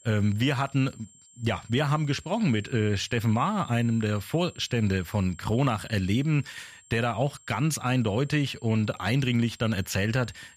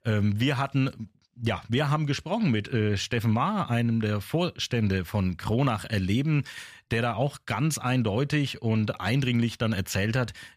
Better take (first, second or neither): second